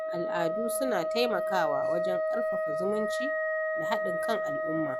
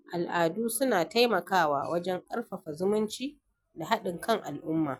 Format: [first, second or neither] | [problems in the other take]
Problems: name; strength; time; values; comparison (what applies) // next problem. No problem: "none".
second | background sound (Wind instrument, woodwind instrument); 3 dB above the speech